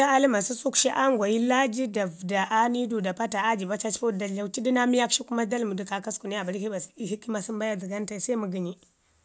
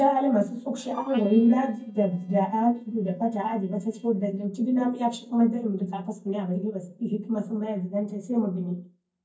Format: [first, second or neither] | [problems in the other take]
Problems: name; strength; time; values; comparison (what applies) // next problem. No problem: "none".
first | noise reduction (neural mask model DeepFilterNet 3)